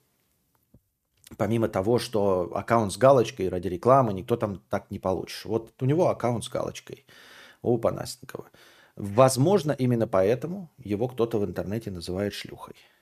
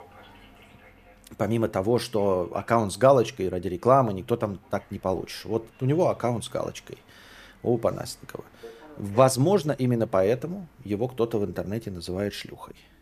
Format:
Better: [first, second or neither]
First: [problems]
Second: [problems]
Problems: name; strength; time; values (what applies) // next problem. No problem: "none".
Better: first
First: none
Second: train or aircraft noise; faint; throughout; 30 dB below the speech